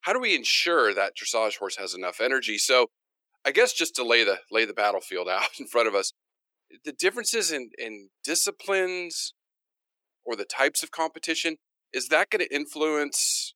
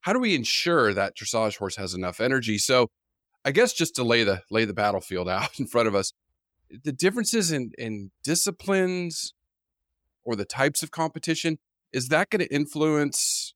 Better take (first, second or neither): second